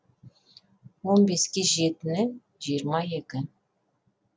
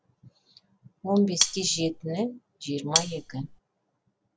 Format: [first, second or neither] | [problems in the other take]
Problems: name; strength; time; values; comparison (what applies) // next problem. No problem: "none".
first | background sound (Cutlery, silverware); 1 dB above the speech